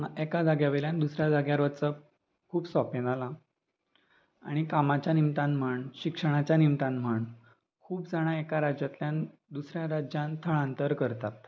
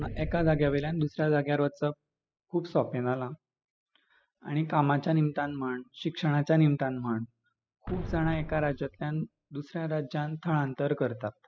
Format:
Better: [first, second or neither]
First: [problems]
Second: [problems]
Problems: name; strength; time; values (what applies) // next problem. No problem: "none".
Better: first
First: none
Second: noise reduction (classical method spectral subtraction)